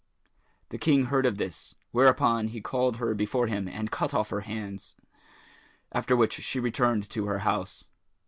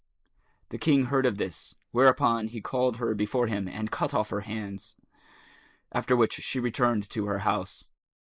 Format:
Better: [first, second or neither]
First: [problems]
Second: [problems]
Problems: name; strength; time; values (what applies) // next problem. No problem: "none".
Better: first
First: none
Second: noise reduction (neural mask model Resemble Enhance denoiser)